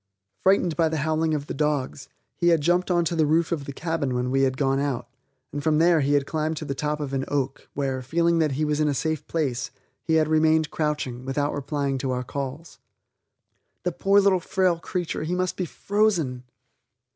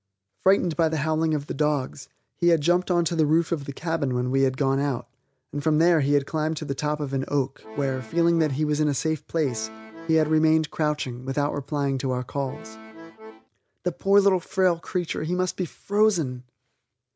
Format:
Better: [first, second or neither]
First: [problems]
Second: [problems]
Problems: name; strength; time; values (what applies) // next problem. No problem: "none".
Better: first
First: none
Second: background sound (Accordion); 16 dB below the speech